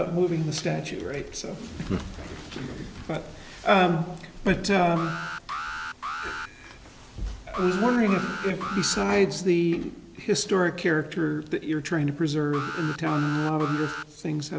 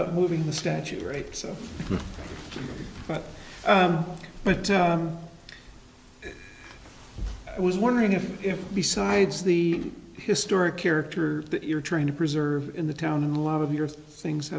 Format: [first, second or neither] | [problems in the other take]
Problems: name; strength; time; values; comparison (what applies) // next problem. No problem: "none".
second | background sound (Alarm); 7 dB below the speech